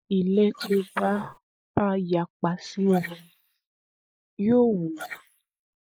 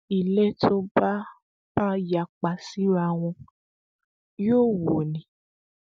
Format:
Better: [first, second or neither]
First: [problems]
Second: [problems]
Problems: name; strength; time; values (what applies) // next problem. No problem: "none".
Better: second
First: noise reduction (neural mask model Resemble Enhance denoiser)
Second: none